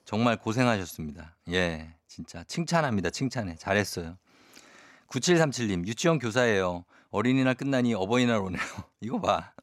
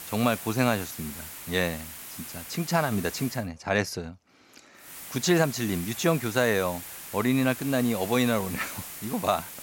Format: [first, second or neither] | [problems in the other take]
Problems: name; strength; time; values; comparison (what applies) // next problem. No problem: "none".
first | hiss; noticeable; until 3.5 s and from 5 s on; 10 dB below the speech